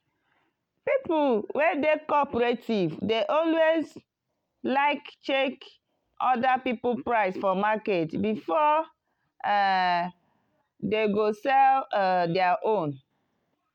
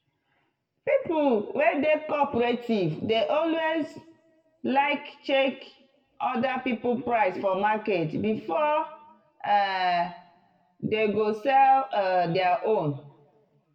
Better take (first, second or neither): first